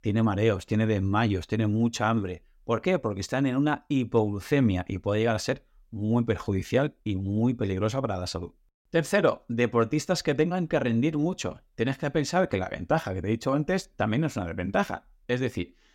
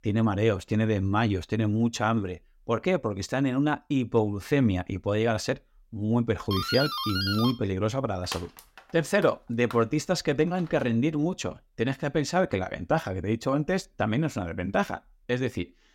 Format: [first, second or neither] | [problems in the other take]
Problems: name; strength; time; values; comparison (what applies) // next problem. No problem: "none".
first | doorbell; noticeable; from 6.5 to 11 s; peak 1 dB below the speech